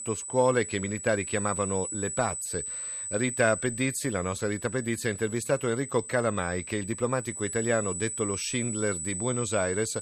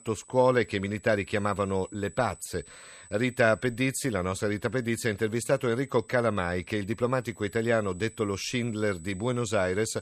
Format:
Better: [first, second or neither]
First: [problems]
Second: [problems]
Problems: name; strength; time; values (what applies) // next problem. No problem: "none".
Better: second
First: high-pitched whine; loud; throughout; 8 kHz, 5 dB below the speech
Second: high-pitched whine; faint; throughout; 8 kHz, 25 dB below the speech